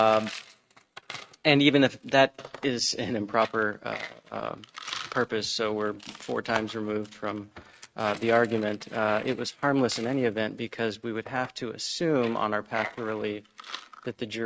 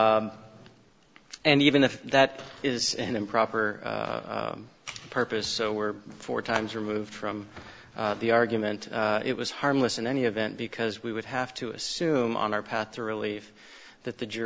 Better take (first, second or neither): second